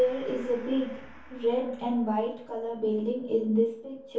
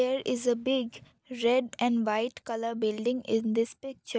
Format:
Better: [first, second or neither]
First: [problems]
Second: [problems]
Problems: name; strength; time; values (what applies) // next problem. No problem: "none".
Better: second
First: background sound (Gong); 20 dB below the speech // room echo; dies away in 0.6 s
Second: none